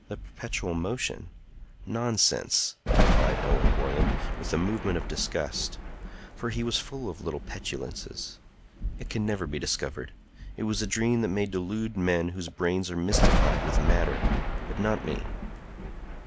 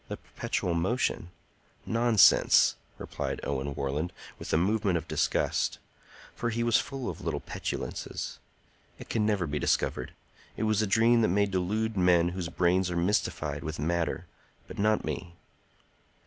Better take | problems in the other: second | background sound (Thunder); 2 dB above the speech

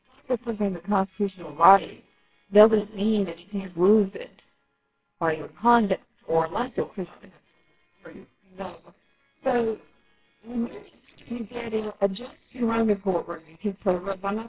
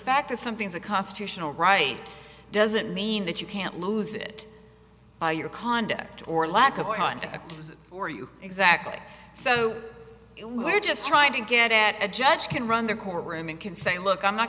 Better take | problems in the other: second | noise reduction (neural separator model SepFormer WHAMR!)

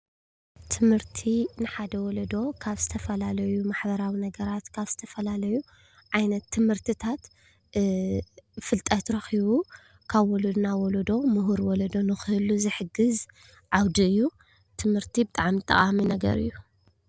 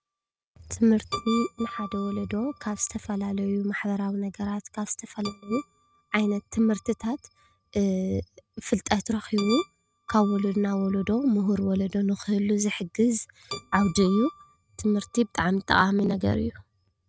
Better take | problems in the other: first | noise reduction (neural mask model RNNoise)

